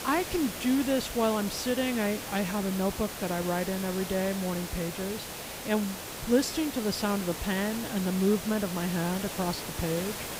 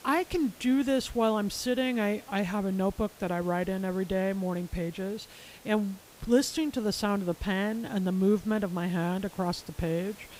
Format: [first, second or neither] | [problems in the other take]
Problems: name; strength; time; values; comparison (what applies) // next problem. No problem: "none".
second | hiss; loud; throughout; 7 dB below the speech; faint in the second